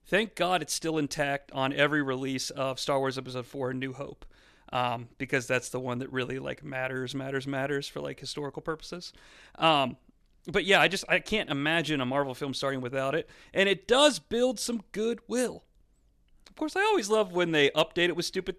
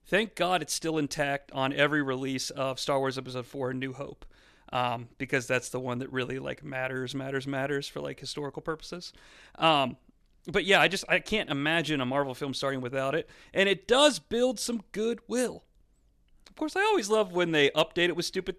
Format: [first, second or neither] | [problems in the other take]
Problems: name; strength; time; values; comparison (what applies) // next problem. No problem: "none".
neither | none